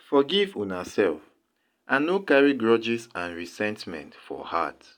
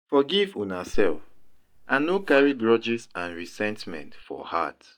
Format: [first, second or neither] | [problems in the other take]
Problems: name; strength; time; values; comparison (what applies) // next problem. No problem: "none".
first | noise reduction (neural mask model DeepFilterNet 3)